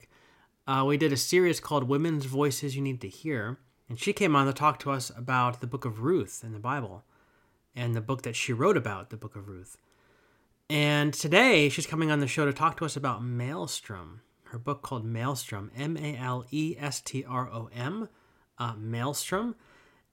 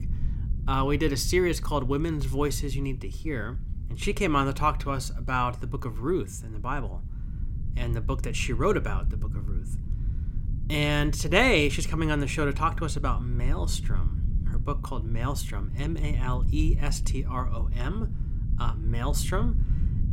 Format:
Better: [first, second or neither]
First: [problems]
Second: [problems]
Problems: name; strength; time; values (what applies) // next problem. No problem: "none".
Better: first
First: none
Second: low rumble; noticeable; throughout; 20 dB below the speech